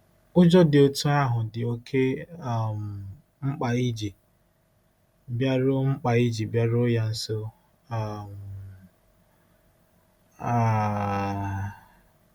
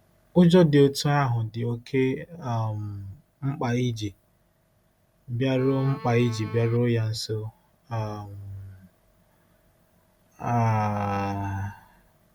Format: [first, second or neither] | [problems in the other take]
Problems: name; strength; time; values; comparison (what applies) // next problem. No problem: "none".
first | background sound (Bowed string instrument); 15 dB below the speech